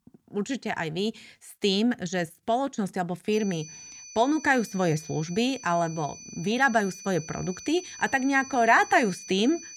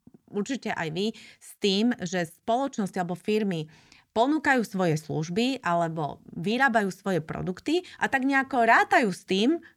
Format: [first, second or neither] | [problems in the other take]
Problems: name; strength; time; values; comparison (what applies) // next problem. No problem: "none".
second | high-pitched whine; noticeable; from 3.5 s on; 6 kHz, 15 dB below the speech